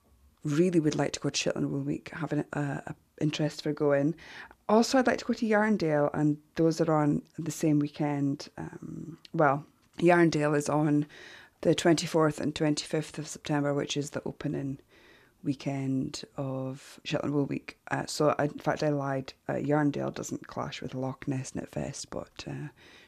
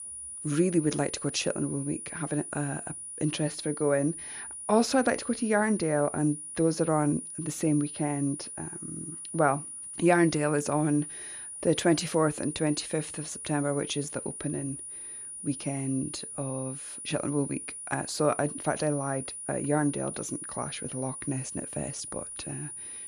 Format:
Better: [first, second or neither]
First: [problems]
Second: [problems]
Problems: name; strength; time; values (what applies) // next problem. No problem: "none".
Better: first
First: none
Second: high-pitched whine; loud; throughout; 9.5 kHz, 8 dB below the speech